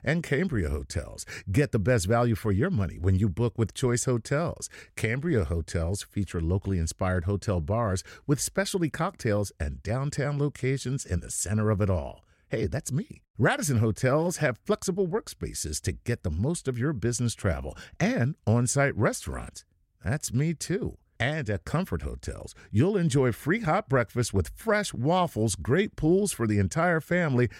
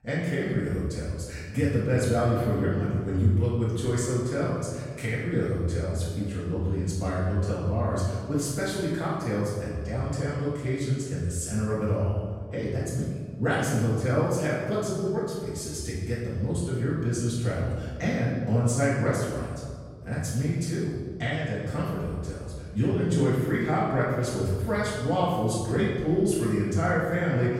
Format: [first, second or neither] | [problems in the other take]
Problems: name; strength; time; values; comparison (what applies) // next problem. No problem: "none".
first | off-mic speech; far // room echo; strong; dies away in 1.6 s